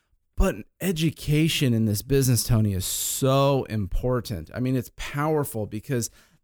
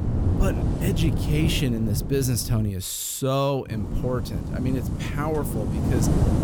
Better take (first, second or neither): first